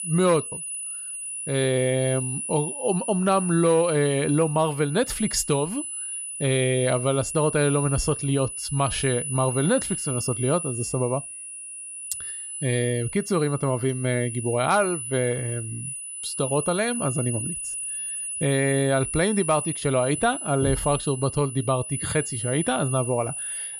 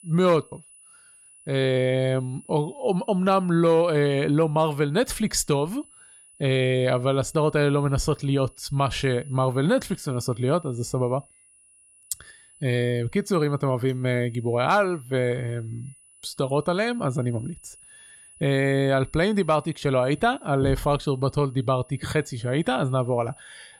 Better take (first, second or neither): second